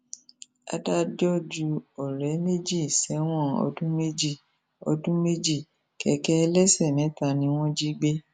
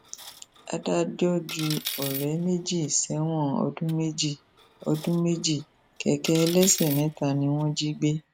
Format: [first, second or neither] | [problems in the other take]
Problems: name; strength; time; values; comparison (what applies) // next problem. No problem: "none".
first | background sound (Coin (dropping)); 14 dB below the speech